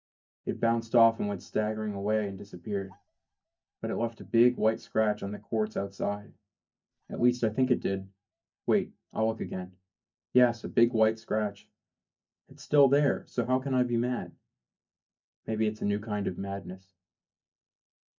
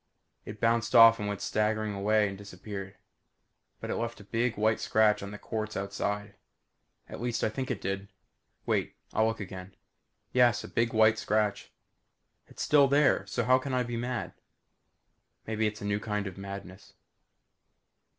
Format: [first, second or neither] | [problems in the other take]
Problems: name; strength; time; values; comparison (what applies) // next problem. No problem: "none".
second | noise reduction (neural mask model DeepFilterNet 3)